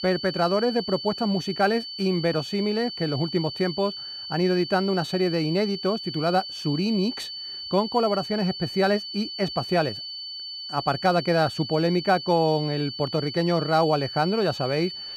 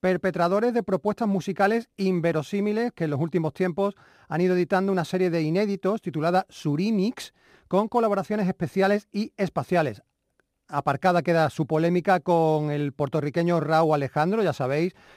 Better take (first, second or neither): second